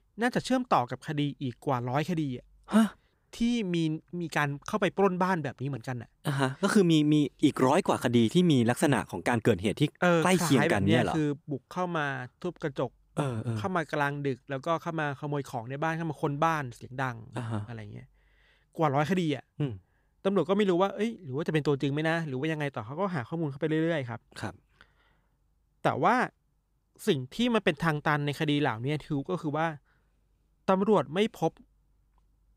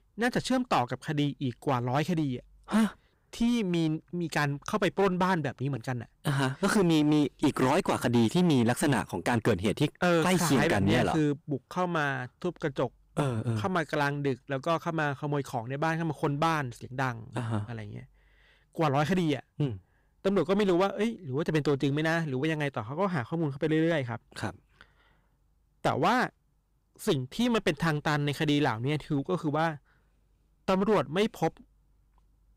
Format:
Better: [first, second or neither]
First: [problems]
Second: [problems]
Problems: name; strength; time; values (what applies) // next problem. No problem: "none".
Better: first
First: none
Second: distortion; slight; 7% of the sound clipped